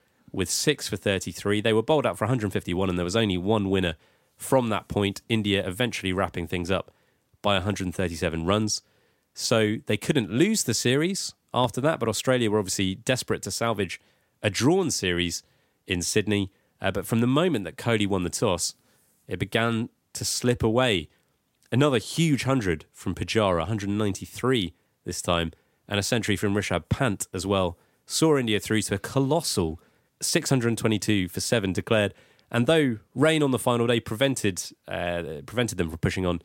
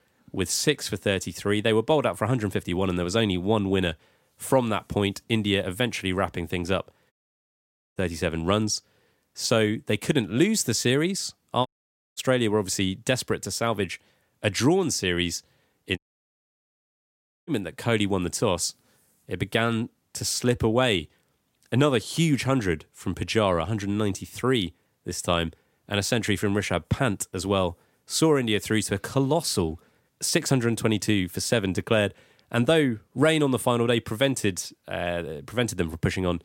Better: first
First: none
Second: audio cutting out; at 7 s for 1 s, at 12 s for 0.5 s and at 16 s for 1.5 s

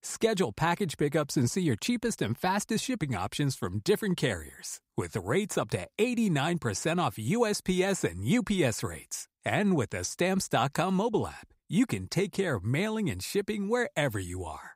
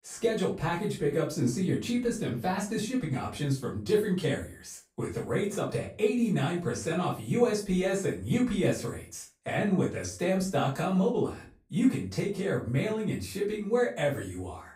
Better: first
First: none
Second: off-mic speech; far // room echo; slight; dies away in 0.3 s

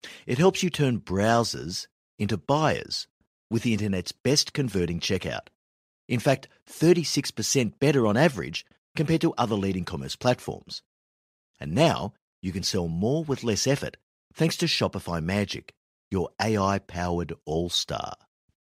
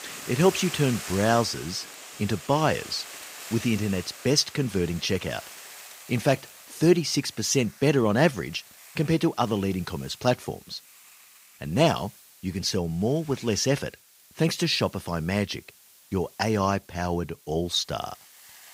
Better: first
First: none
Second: hiss; noticeable; throughout; 15 dB below the speech

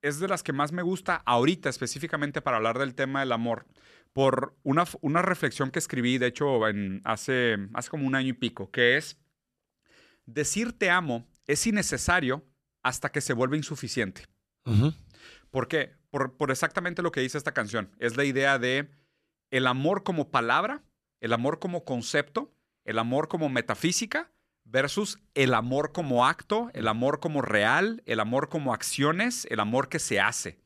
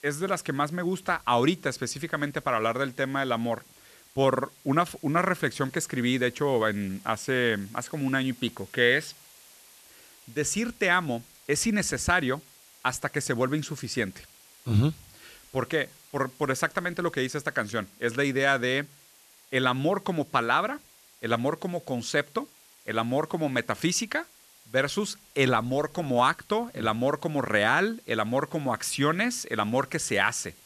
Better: first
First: none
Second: hiss; faint; throughout; 25 dB below the speech

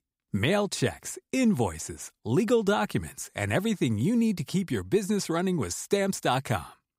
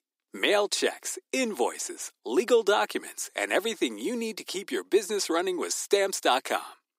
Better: first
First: none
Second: thin; somewhat; fading below 300 Hz

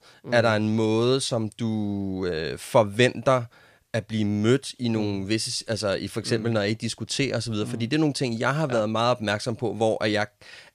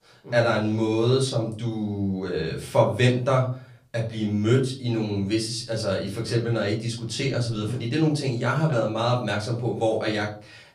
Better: first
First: none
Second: room echo; slight; dies away in 0.4 s // off-mic speech; far

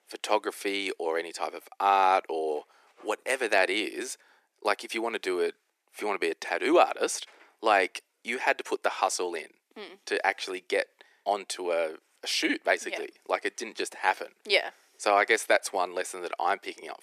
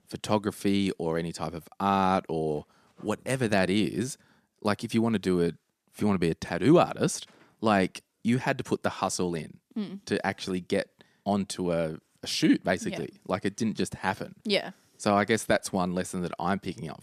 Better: second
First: thin; very; fading below 350 Hz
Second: none

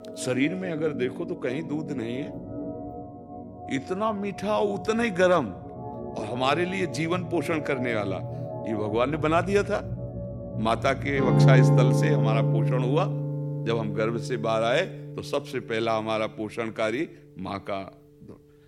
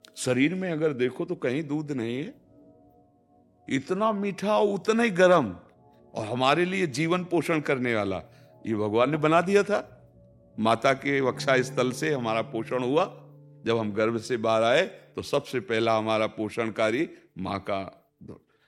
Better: second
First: background music; loud; throughout; 1 dB below the speech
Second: background music; faint; throughout; 25 dB below the speech

